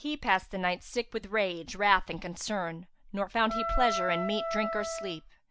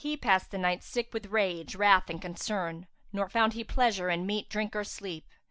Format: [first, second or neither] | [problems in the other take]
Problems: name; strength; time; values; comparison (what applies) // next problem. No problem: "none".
second | background sound (Wind instrument, woodwind instrument); 3 dB below the speech